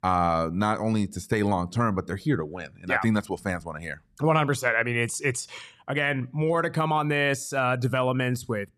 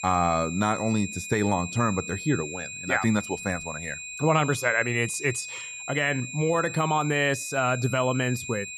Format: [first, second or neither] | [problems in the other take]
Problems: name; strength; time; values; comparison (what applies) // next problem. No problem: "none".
first | high-pitched whine; loud; throughout; 2.5 kHz, 9 dB below the speech